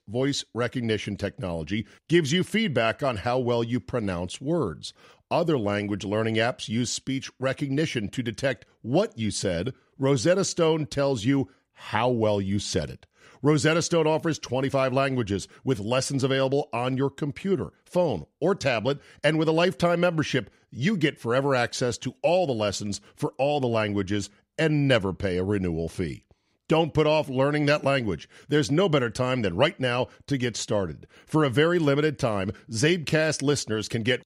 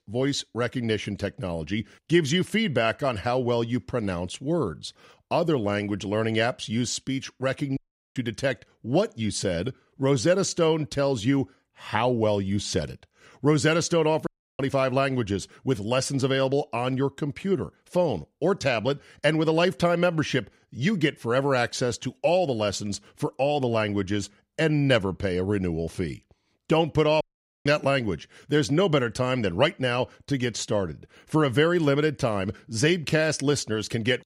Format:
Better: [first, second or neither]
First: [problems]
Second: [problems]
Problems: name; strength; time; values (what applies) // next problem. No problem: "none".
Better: first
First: none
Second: audio cutting out; at 8 s, at 14 s and at 27 s